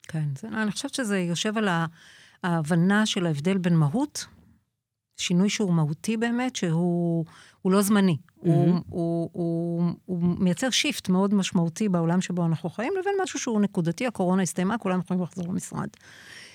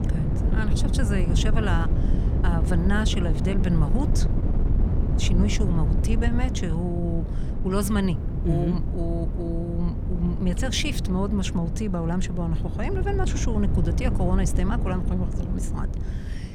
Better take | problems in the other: first | wind noise on the microphone; heavy; 6 dB below the speech

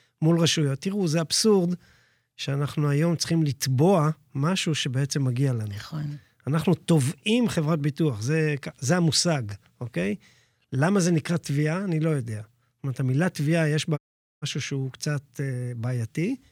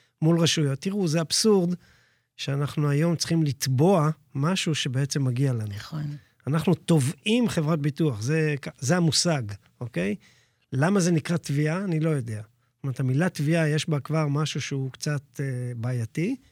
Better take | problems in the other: second | audio cutting out; at 14 s

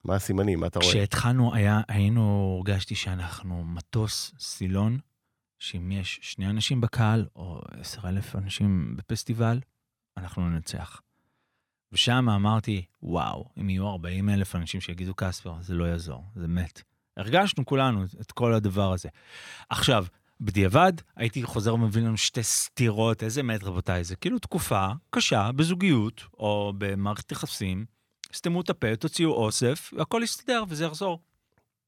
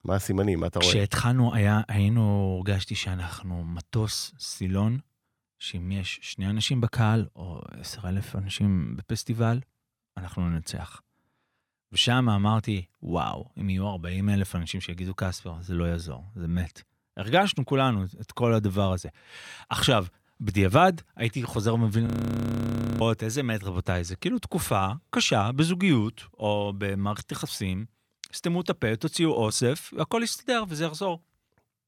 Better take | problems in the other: first | audio freezing; at 22 s for 1 s

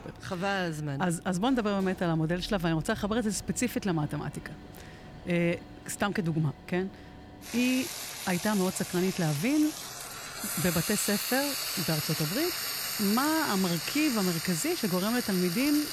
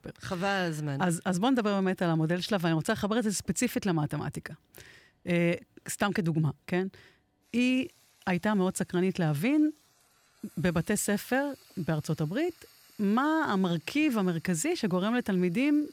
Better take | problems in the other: second | household noises; loud; throughout; 3 dB below the speech; faint in the second

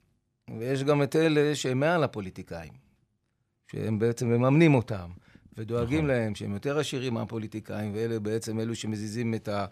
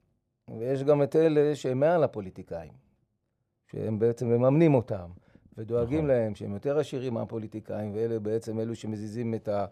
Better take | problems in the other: first | muffled; slightly; fading above 1.5 kHz

